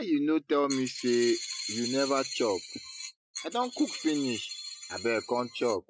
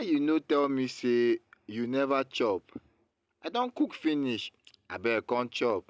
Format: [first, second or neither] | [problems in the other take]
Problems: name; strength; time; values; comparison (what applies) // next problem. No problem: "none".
second | noise reduction (classical method Wiener filter)